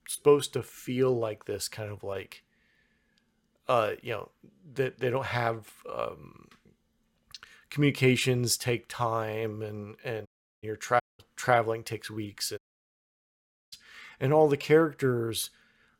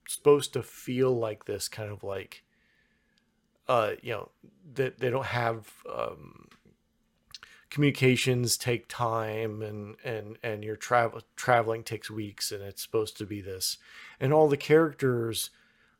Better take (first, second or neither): second